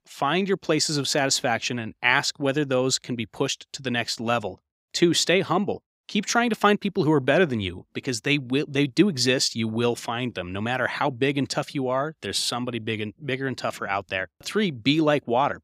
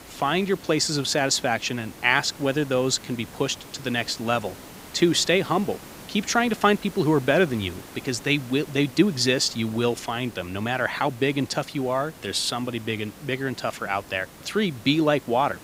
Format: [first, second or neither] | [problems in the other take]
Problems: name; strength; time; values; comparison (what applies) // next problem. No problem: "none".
first | hiss; noticeable; throughout; 20 dB below the speech